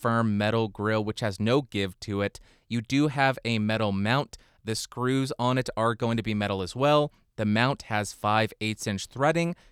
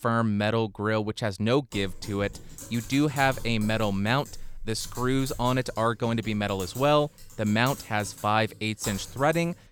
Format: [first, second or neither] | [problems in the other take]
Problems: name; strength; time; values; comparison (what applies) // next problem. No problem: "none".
first | keyboard typing; noticeable; from 1.5 s on; peak 10 dB below the speech